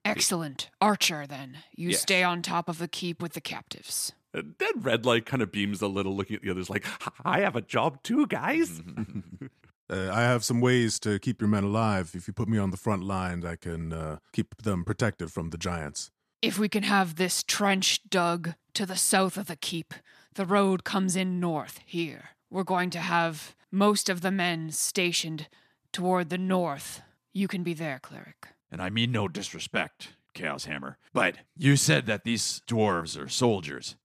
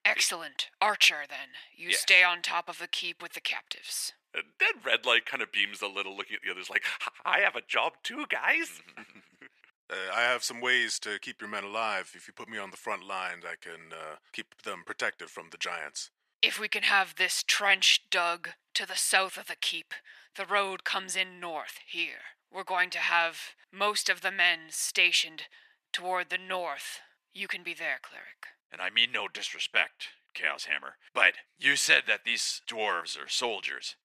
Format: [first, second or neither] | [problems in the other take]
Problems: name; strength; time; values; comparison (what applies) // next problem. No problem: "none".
first | thin; very; fading below 650 Hz